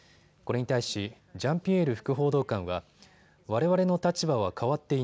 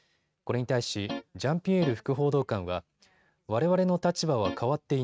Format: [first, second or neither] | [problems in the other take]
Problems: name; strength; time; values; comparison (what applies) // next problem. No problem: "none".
first | noise reduction (neural mask model RNNoise)